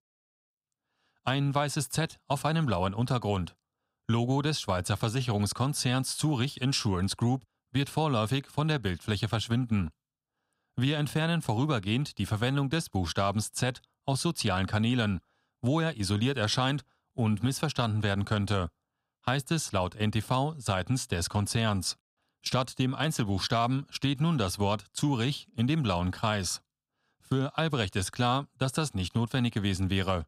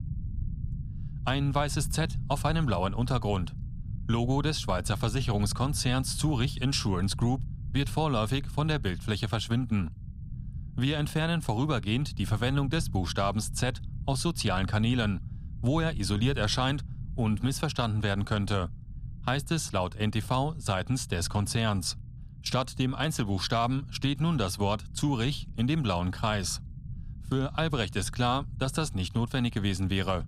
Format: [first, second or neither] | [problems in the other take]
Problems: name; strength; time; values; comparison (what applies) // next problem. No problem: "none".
first | low rumble; faint; throughout; 20 dB below the speech